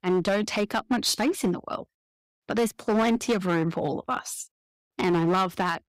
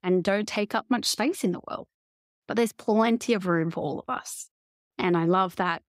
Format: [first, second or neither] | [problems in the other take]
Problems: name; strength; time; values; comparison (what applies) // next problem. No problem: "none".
second | distortion; slight; 8% of the sound clipped